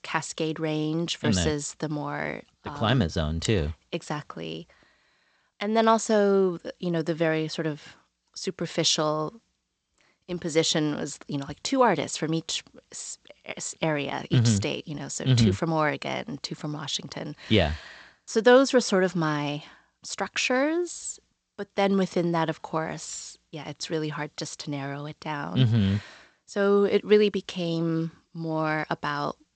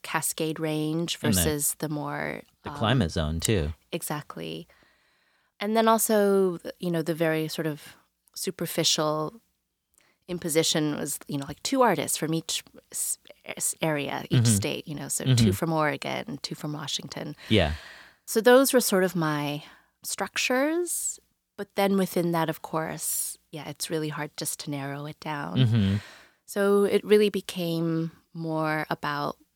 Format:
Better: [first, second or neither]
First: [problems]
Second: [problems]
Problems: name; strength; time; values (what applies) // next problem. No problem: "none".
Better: second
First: garbled, watery; slightly; nothing above 8 kHz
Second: none